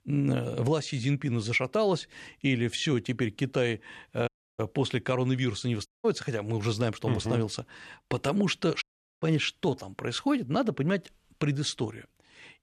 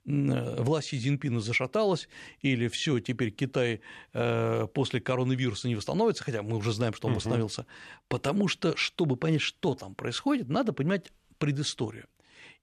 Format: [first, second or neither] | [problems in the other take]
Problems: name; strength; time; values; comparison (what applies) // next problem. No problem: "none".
second | audio cutting out; at 4.5 s, at 6 s and at 9 s